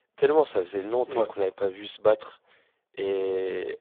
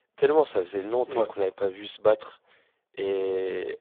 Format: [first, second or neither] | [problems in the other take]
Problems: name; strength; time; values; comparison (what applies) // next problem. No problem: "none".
neither | phone-call audio; poor line; the same in both